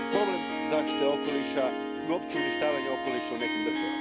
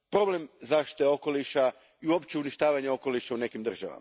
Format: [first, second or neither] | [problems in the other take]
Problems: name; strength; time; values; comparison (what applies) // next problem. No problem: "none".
second | background sound (Harp); 1 dB above the speech